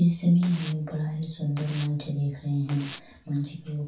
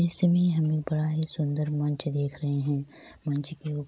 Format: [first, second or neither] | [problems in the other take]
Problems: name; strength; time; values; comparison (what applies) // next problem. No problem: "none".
second | background sound (Domestic sounds, home sounds); 20 dB below the speech // room echo; dies away in 0.2 s